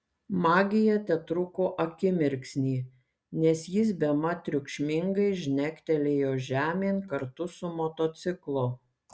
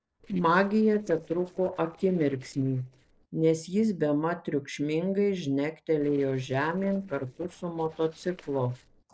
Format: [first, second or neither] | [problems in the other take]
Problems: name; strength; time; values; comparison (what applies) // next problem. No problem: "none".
first | noise reduction (neural separator model SepFormer DNS4)